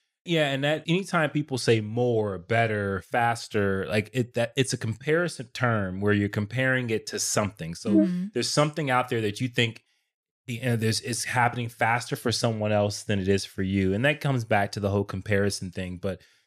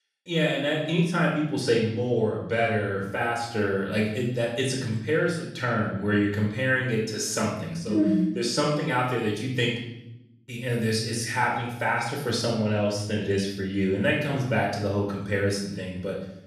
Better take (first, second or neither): first